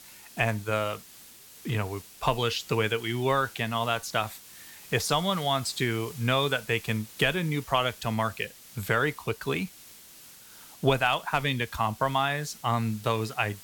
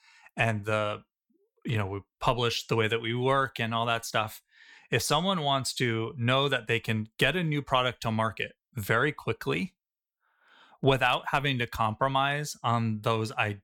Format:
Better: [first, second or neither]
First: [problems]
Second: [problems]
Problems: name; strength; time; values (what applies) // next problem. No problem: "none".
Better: second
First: hiss; noticeable; throughout; 20 dB below the speech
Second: none